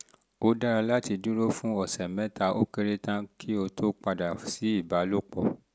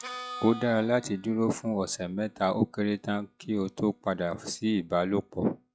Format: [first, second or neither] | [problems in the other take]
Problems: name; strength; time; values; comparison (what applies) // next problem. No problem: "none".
first | noise reduction (classical method log-MMSE)